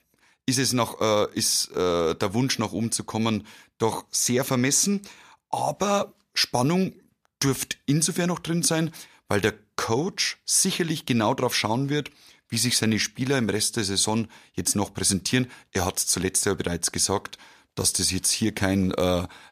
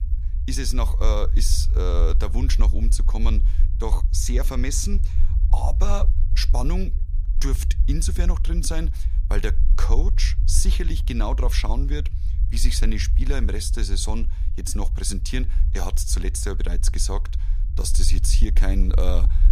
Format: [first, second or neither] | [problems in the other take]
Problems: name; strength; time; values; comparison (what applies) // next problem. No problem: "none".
first | low rumble; noticeable; throughout; 15 dB below the speech